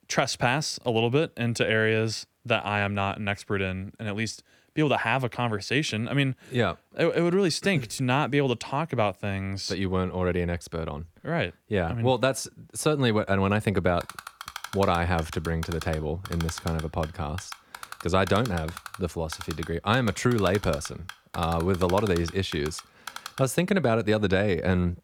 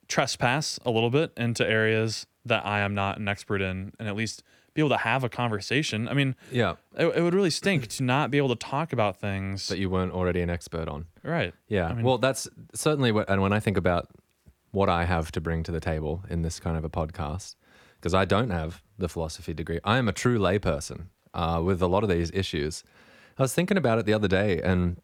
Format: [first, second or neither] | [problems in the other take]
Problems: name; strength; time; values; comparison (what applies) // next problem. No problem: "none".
second | keyboard typing; faint; from 14 to 23 s; peak 10 dB below the speech